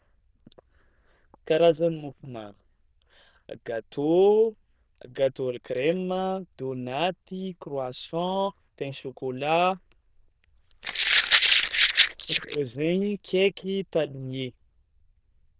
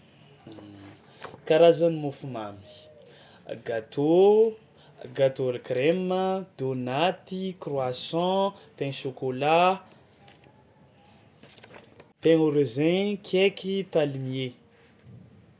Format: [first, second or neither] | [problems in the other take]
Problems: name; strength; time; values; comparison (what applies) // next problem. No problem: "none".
second | noise reduction (neural diffusion model UNIVERSE++)